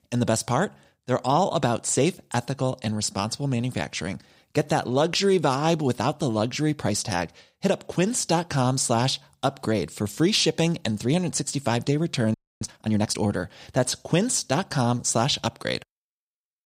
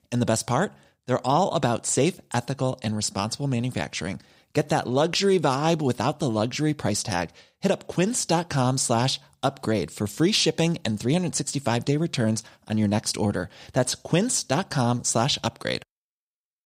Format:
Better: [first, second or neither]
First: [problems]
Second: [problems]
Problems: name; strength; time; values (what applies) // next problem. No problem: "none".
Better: second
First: audio freezing; at 12 s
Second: none